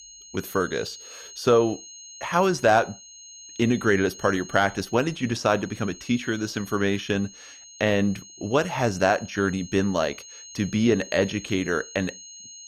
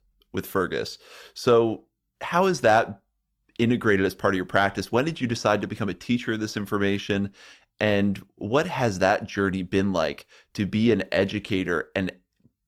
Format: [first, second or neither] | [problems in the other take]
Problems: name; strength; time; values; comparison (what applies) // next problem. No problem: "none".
second | high-pitched whine; noticeable; throughout; 6.5 kHz, 15 dB below the speech